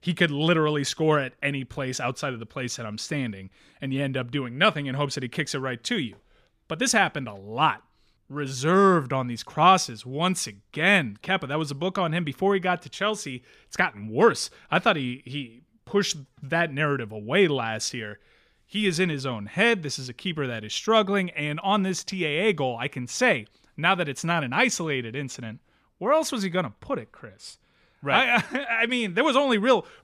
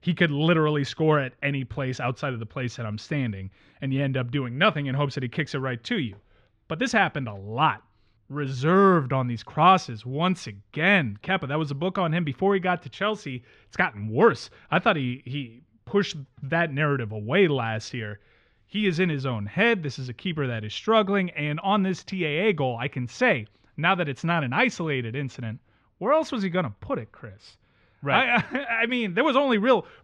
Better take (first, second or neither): first